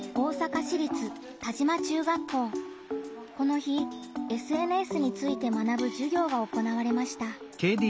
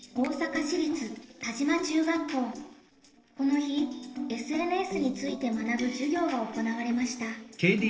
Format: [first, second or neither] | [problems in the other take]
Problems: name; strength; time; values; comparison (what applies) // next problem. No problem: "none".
first | noise reduction (neural separator model SepFormer DNS4)